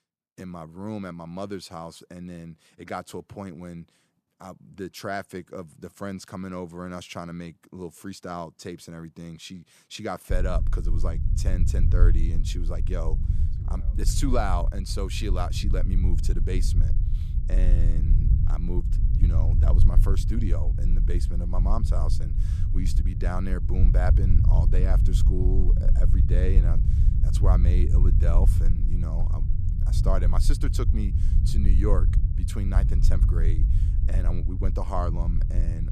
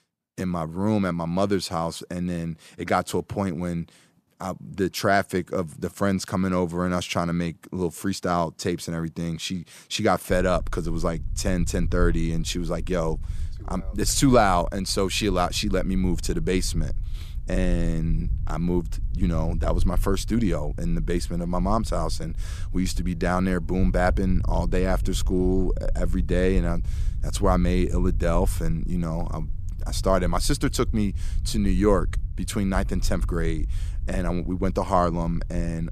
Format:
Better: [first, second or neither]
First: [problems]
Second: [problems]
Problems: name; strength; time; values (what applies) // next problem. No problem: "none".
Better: second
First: low rumble; loud; from 10 s on; 6 dB below the speech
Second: low rumble; faint; from 10 s on; 25 dB below the speech